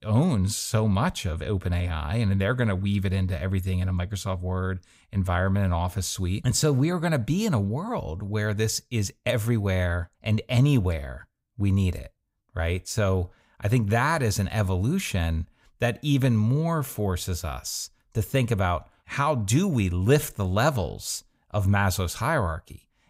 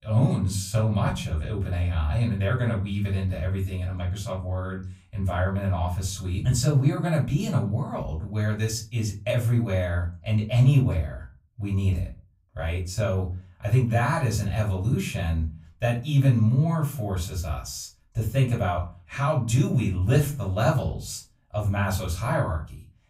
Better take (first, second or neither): first